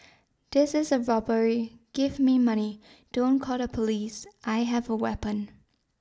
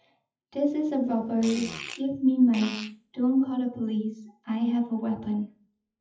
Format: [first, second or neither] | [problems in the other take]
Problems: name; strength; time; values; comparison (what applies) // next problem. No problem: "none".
first | noise reduction (classical method WPE with log-MMSE)